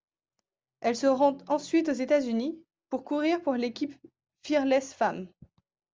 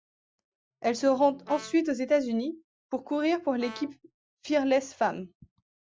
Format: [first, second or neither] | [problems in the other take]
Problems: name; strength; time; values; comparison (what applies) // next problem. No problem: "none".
first | noise reduction (classical method Wiener filter)